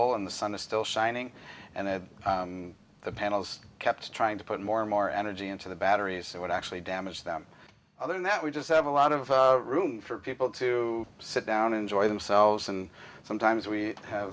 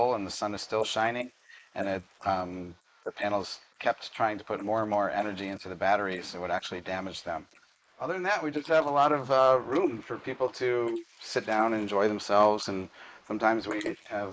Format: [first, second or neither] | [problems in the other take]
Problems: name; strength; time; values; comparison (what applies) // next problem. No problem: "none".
first | noise reduction (neural mask model Resemble Enhance denoiser)